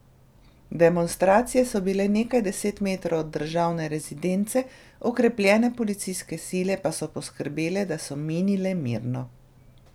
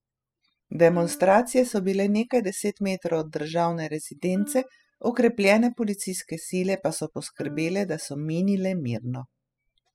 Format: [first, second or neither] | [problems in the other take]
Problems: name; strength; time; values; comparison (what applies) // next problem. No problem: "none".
first | noise reduction (classical method spectral subtraction)